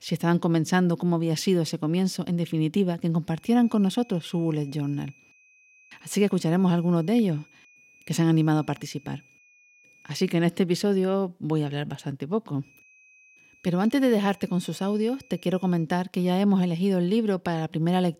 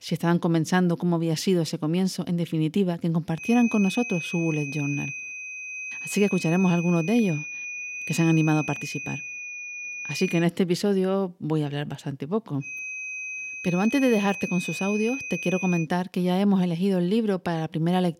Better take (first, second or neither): first